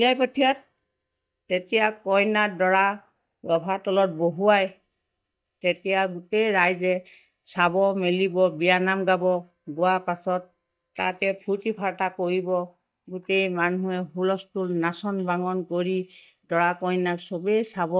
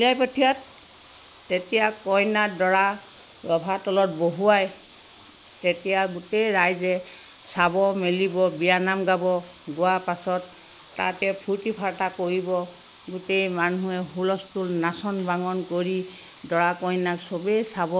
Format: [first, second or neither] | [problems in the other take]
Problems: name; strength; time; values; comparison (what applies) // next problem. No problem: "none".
second | noise reduction (neural mask model DeepFilterNet 3)